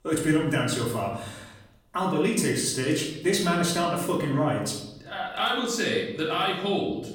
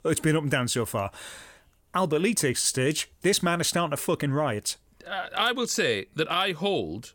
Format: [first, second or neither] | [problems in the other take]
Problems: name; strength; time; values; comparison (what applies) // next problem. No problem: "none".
second | off-mic speech; far // room echo; noticeable; dies away in 0.8 s